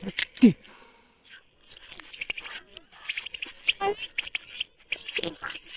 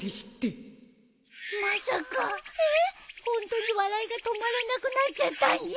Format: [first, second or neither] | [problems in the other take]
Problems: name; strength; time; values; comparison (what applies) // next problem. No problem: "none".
second | noise reduction (neural separator model SepFormer WHAM!)